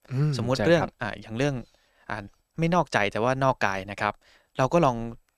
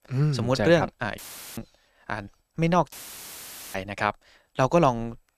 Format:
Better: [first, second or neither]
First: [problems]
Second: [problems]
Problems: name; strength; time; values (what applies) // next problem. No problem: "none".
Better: first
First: none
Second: audio cutting out; filled with static; at 1 s and at 3 s for 1 s